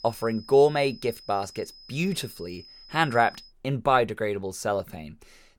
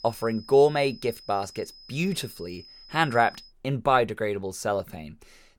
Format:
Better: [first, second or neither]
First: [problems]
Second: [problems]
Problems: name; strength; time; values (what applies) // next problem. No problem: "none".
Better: neither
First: high-pitched whine; faint; until 3.5 s; 5 kHz, 20 dB below the speech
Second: high-pitched whine; faint; until 3.5 s; 5 kHz, 20 dB below the speech